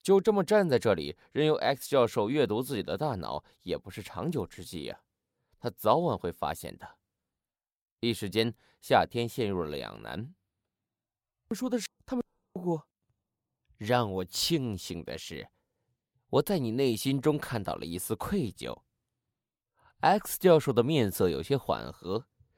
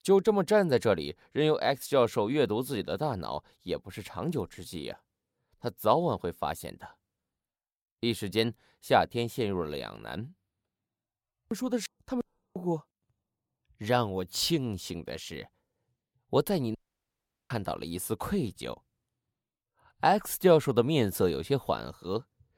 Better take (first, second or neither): first